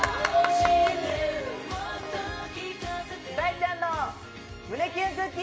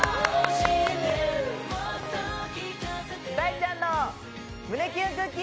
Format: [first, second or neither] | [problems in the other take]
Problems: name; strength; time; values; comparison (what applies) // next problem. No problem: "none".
second | room echo; dies away in 2.7 s